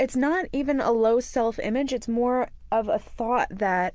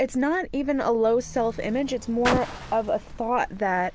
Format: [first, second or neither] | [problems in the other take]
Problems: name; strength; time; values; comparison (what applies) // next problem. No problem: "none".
first | background sound (Car); 11 dB below the speech